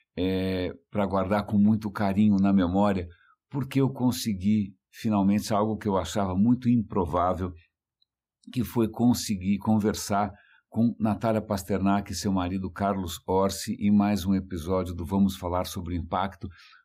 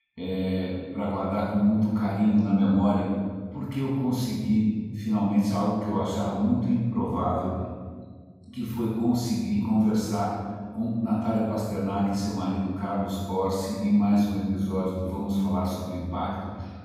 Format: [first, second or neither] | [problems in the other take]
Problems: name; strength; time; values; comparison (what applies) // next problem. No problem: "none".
first | off-mic speech; far // room echo; strong; dies away in 1.8 s